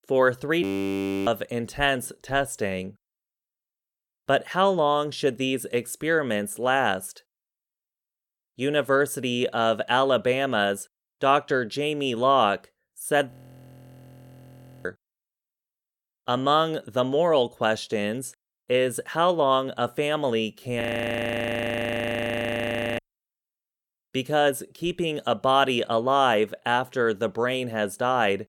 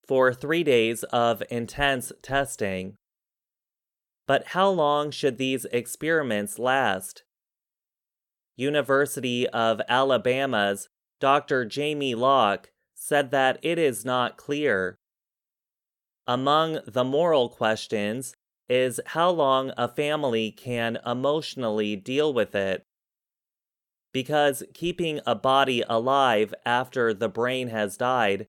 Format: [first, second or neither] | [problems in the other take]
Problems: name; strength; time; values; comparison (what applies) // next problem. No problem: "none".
second | audio freezing; at 0.5 s for 0.5 s, at 13 s for 1.5 s and at 21 s for 2 s